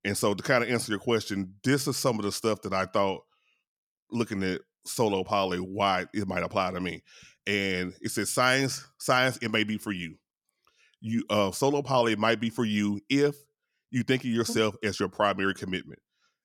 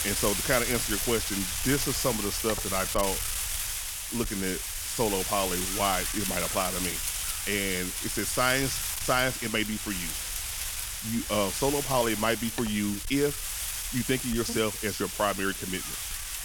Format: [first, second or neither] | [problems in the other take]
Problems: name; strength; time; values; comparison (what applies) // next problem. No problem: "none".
first | wind noise on the microphone; heavy; 3 dB below the speech